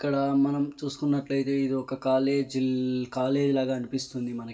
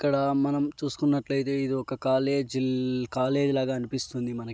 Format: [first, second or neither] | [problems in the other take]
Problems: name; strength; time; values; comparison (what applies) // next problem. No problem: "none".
second | room echo; dies away in 0.7 s